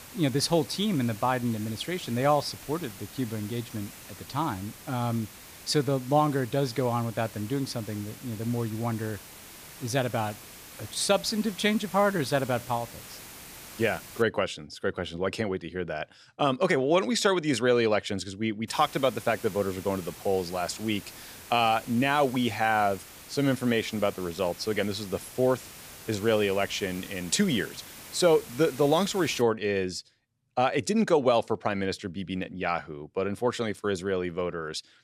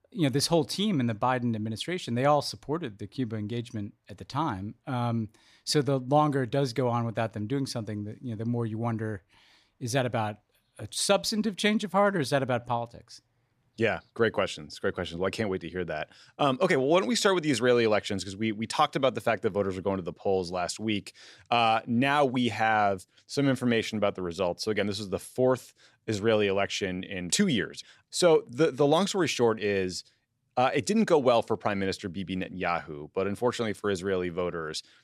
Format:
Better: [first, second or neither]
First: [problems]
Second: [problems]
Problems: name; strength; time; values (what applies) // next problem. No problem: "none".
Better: second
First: hiss; noticeable; until 14 s and from 19 to 29 s; 15 dB below the speech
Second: none